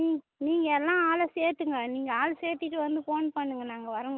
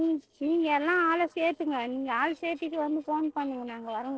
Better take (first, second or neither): first